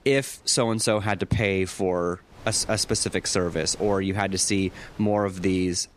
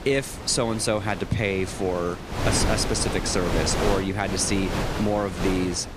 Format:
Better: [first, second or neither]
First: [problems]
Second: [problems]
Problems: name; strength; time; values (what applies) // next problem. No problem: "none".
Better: first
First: wind noise on the microphone; occasional gusts; 25 dB below the speech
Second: wind noise on the microphone; heavy; 4 dB below the speech